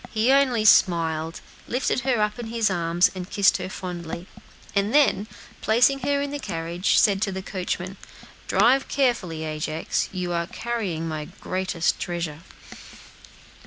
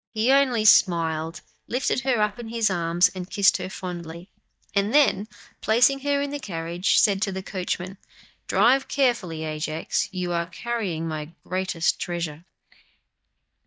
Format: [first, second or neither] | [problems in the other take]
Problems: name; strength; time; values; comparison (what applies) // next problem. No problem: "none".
first | noise reduction (neural mask model DeepFilterNet 3)